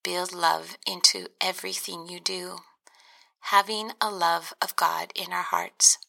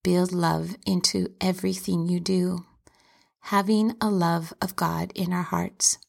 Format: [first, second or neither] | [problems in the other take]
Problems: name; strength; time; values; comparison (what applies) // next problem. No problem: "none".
second | thin; very; fading below 850 Hz